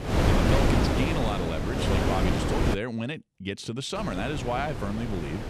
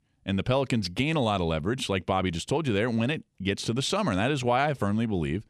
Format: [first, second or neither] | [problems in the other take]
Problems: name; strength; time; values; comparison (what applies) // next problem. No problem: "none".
second | wind noise on the microphone; heavy; until 2.5 s and from 4 s on; 2 dB above the speech